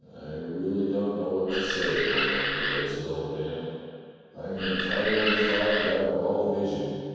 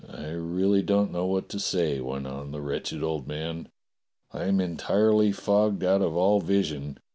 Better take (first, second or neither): second